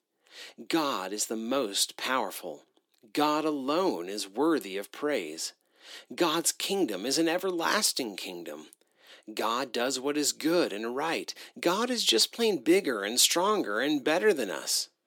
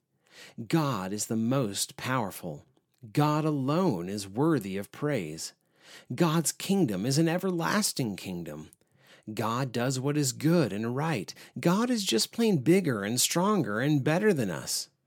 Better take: second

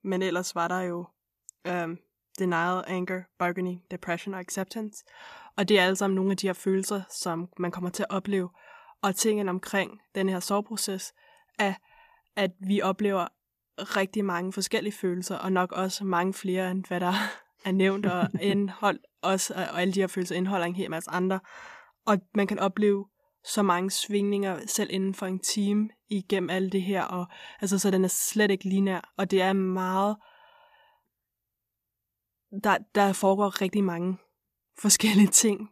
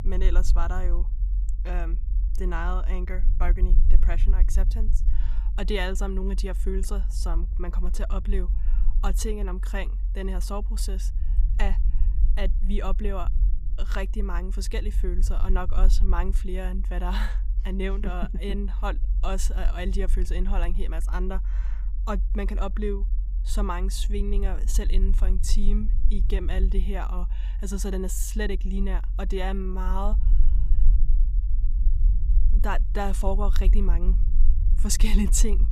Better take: first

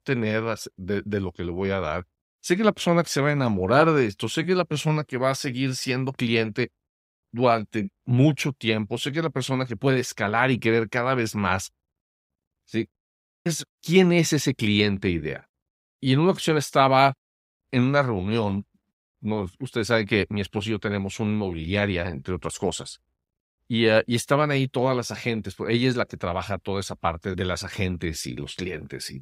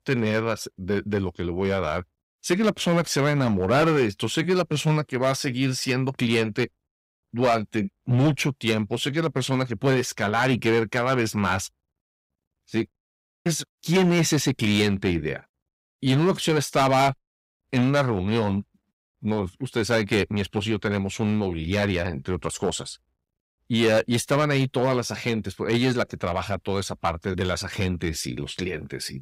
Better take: first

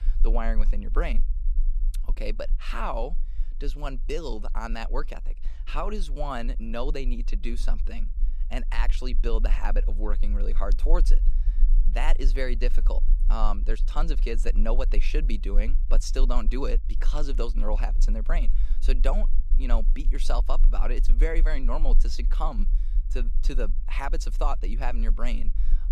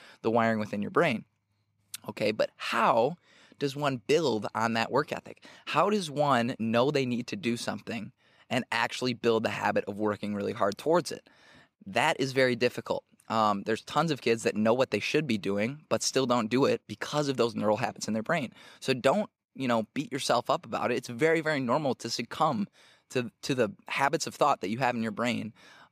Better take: second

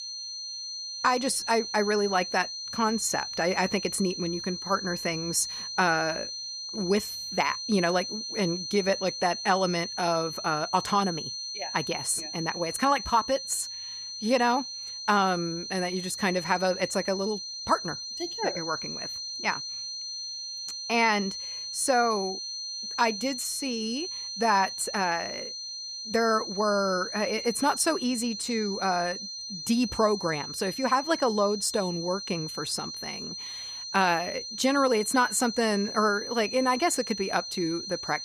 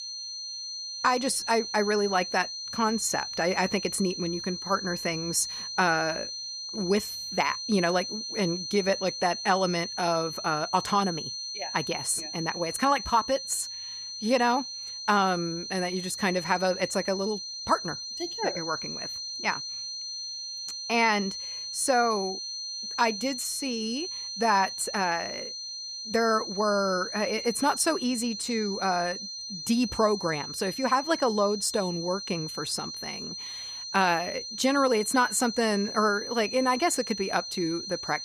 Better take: neither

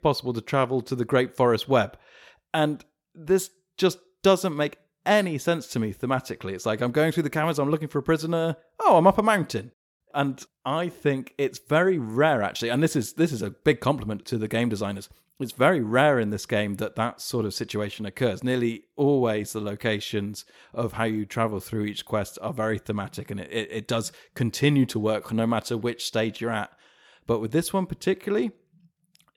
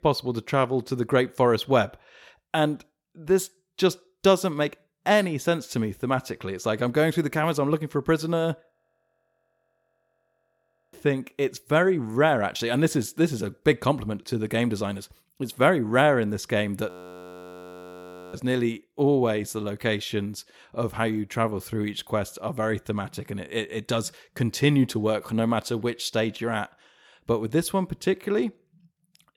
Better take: first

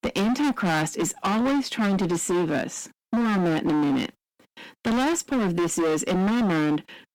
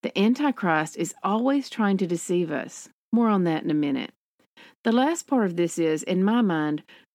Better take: second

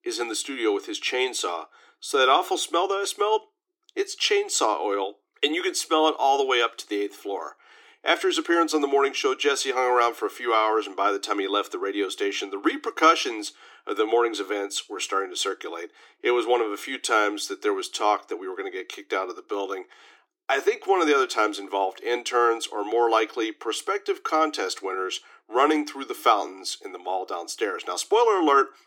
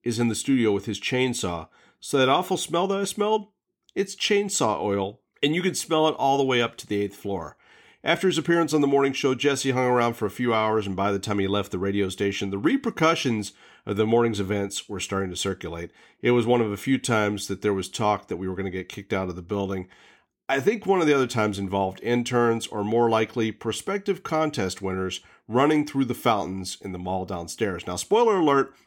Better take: second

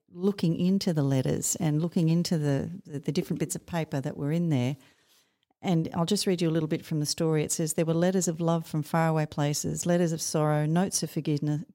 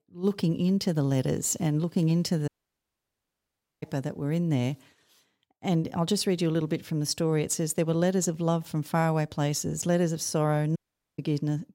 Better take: first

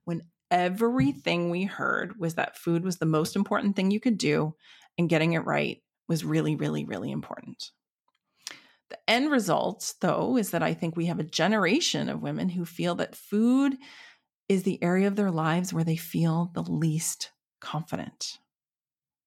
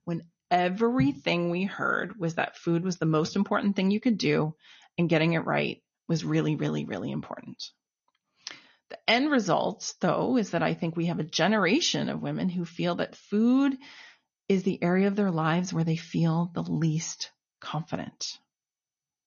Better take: first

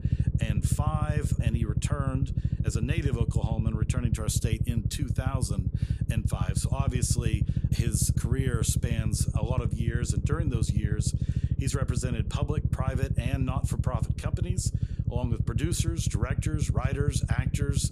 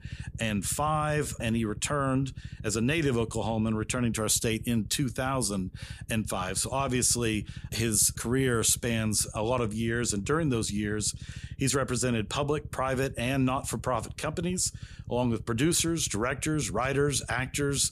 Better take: second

